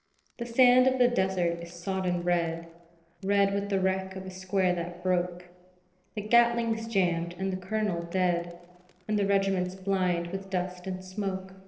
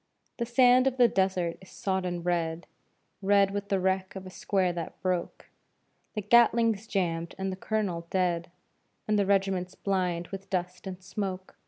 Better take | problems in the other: second | noise reduction (neural separator model SepFormer DNS4)

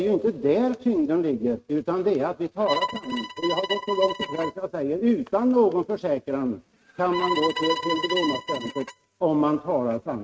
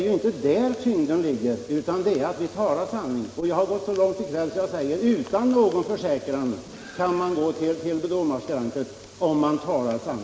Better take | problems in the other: second | noise reduction (neural mask model RNNoise)

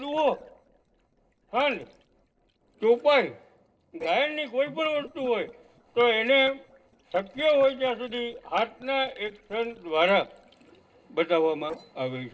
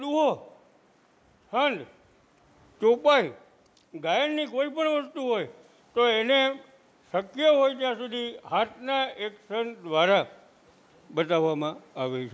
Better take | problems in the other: second | noise reduction (neural separator model SepFormer DNS4)

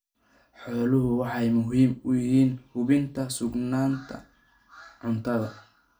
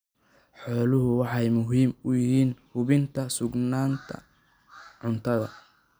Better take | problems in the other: second | room echo; dies away in 0.2 s

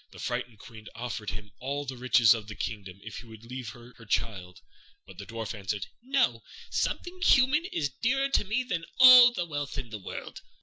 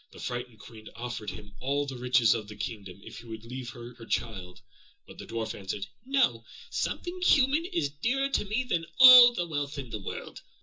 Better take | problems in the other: first | room echo; dies away in 0.2 s

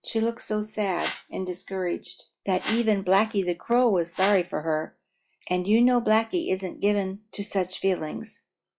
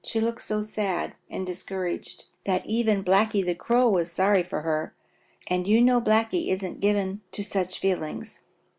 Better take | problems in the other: second | noise reduction (classical method log-MMSE)

